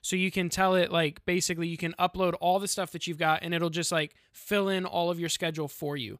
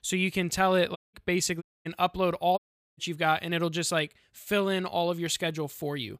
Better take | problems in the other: first | audio cutting out; at 1 s, at 1.5 s and at 2.5 s

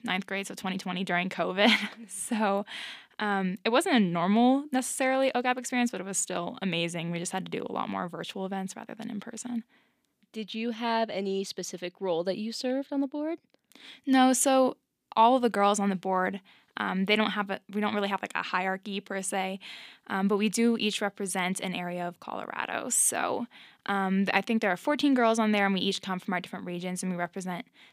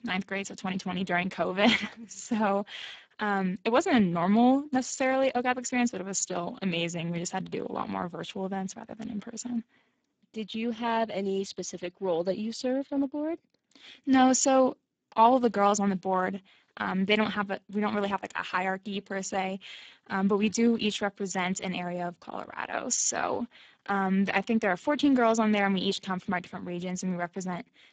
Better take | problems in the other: first | garbled, watery; badly; nothing above 7.5 kHz

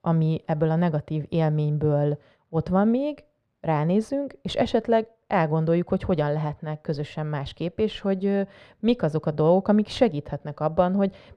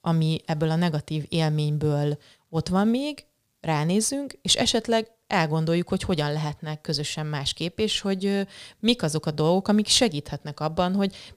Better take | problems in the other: second | muffled; very; fading above 3.5 kHz

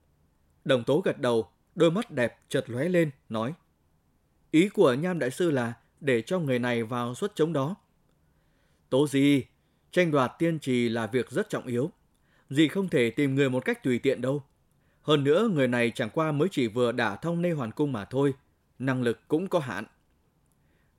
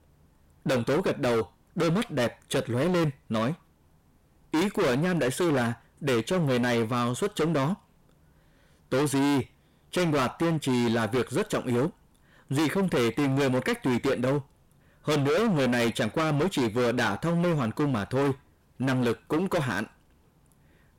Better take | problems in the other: first | distortion; heavy; 23% of the sound clipped

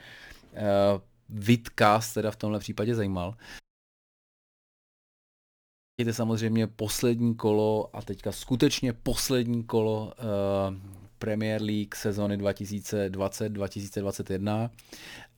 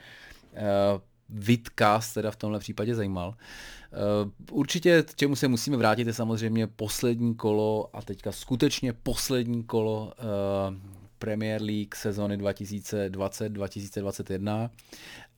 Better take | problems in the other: second | audio cutting out; at 3.5 s for 2.5 s

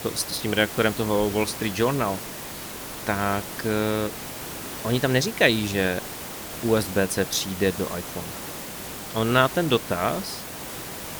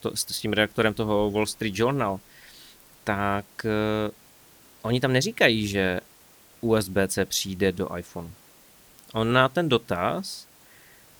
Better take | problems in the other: second | hiss; loud; throughout; 9 dB below the speech; faint in the second

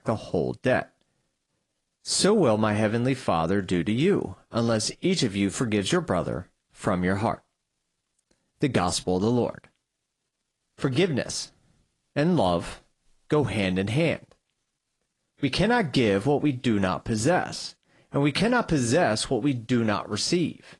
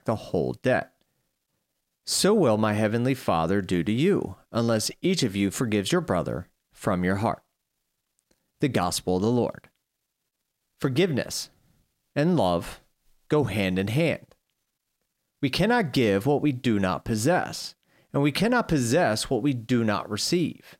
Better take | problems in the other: second | garbled, watery; slightly

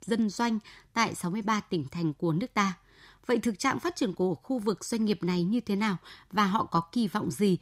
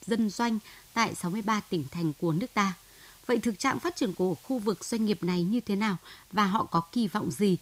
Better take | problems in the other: first | hiss; faint; throughout; 25 dB below the speech

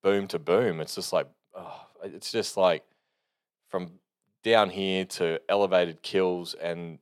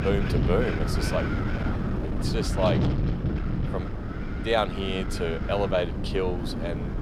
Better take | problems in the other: first | wind noise on the microphone; heavy; 6 dB below the speech

